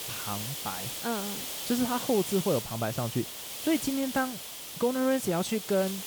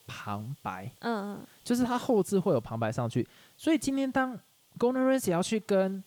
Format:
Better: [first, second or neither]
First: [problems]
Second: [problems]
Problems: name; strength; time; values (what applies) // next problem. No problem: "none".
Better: second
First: hiss; loud; throughout; 5 dB below the speech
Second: hiss; faint; throughout; 30 dB below the speech